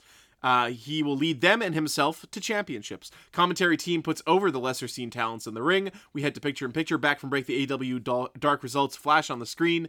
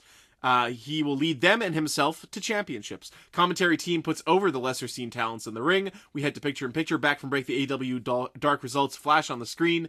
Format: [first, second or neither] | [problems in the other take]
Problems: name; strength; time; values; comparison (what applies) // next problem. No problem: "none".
first | garbled, watery; slightly; nothing above 12.5 kHz